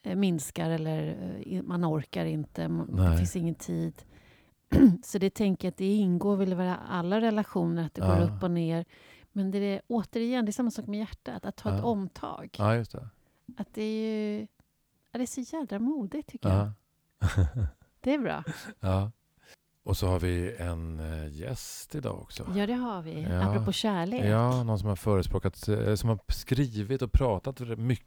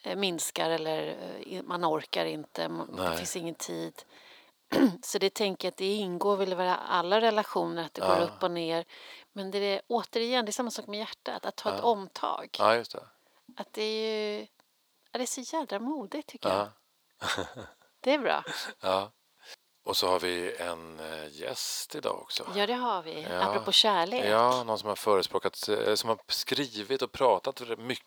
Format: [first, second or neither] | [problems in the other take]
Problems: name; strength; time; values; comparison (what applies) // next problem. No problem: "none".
first | thin; very; fading below 500 Hz